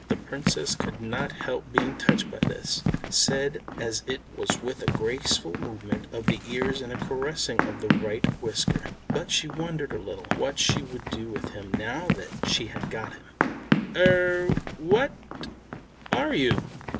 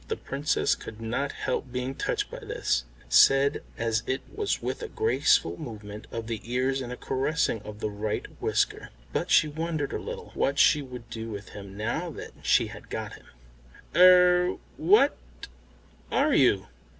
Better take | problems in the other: second | background sound (Run); as loud as the speech

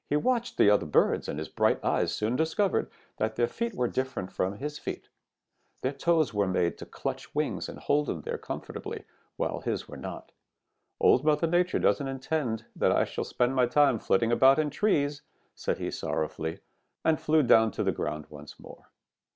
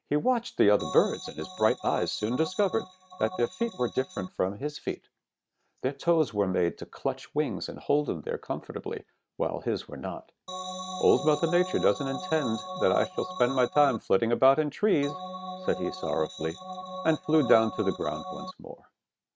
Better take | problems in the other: first | noise reduction (neural mask model RNNoise)

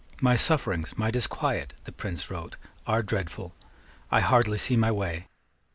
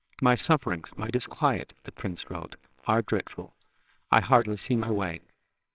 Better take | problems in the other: first | noise reduction (neural separator model SepFormer WHAMR!)

